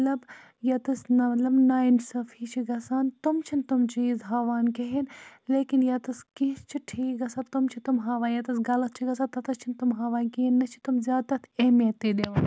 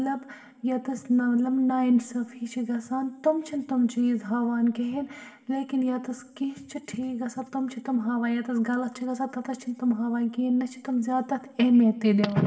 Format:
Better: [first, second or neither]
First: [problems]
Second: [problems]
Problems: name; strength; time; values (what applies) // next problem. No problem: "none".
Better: first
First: none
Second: room echo; dies away in 2 s